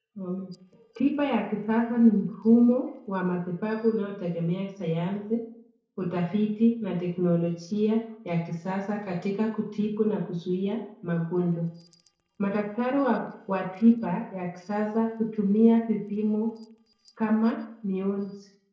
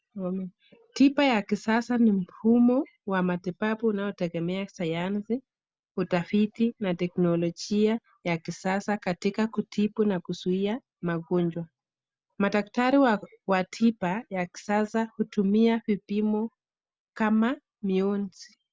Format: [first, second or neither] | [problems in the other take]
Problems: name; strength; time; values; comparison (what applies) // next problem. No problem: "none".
second | noise reduction (neural separator model SepFormer DNS4)